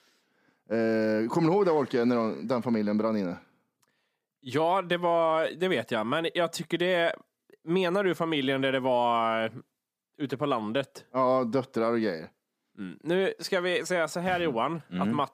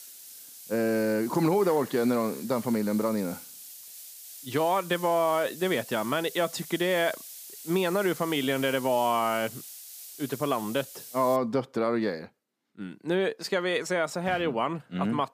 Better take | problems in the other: first | hiss; noticeable; until 11 s; 15 dB below the speech

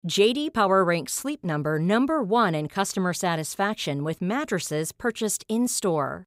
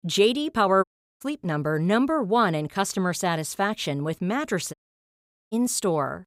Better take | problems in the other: first | audio cutting out; at 1 s and at 4.5 s for 1 s

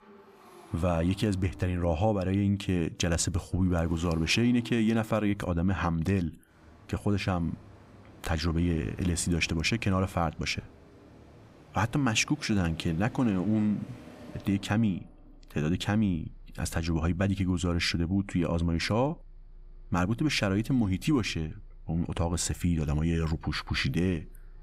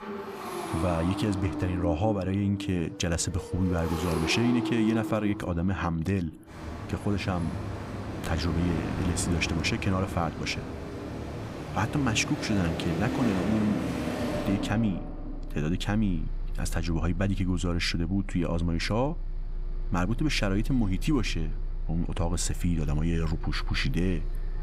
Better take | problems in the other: first | traffic noise; loud; throughout; 6 dB below the speech; faint in the first

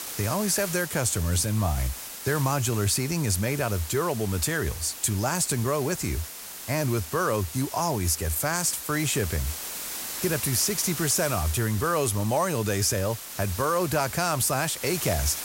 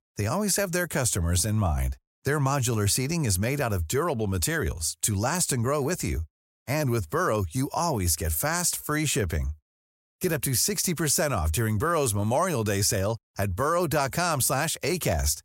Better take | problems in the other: second | hiss; loud; throughout; 9 dB below the speech

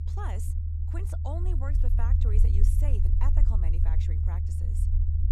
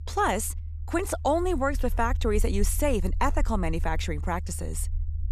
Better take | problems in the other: second | low rumble; loud; throughout; 1 dB below the speech; faint in the second

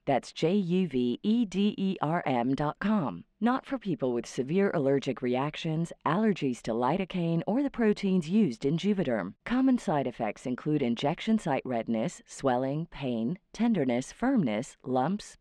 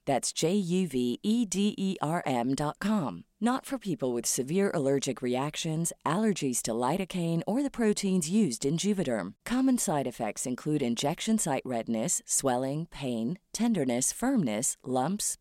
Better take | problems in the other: second | muffled; very; fading above 2.5 kHz

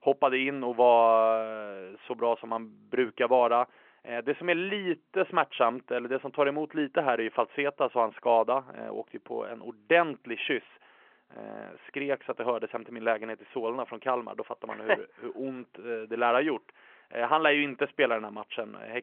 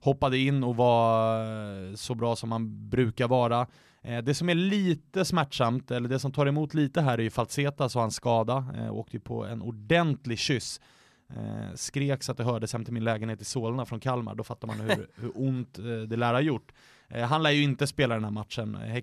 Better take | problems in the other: second | phone-call audio

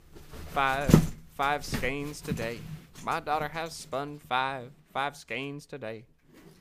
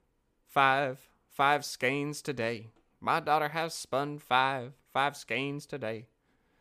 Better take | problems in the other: second | household noises; very loud; throughout; 3 dB above the speech

